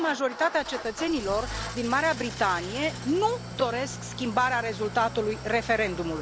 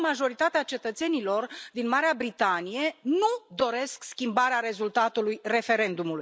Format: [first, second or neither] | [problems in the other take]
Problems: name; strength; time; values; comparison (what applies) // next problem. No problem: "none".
second | background sound (Idling / Engine starting); 10 dB below the speech